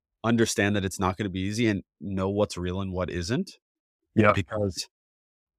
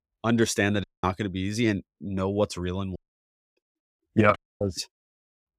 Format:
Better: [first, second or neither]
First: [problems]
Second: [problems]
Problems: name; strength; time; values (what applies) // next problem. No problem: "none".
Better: first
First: none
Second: audio cutting out; at 1 s, at 3 s for 0.5 s and at 4.5 s